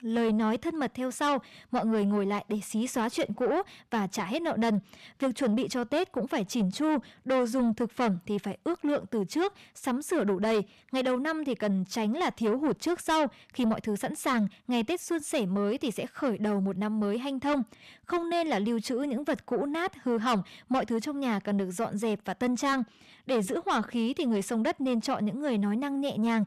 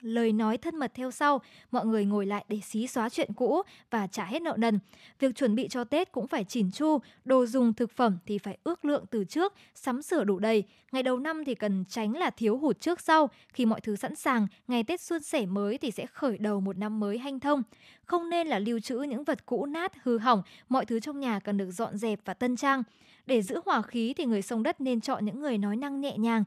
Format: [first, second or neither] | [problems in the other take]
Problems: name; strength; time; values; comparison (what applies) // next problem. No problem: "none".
second | distortion; slight; 10 dB below the speech